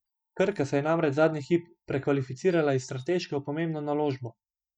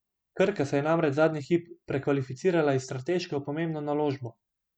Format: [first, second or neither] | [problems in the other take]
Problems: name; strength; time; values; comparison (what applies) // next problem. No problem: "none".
second | noise reduction (neural mask model DeepFilterNet 3)